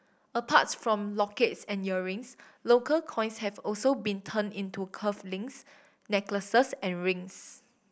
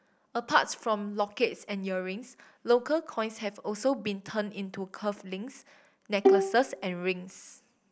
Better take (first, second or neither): first